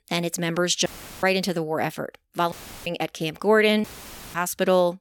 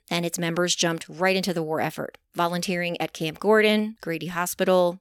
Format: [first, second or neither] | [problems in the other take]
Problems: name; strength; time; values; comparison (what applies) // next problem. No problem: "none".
second | audio cutting out; filled with static; at 1 s, at 2.5 s and at 4 s for 0.5 s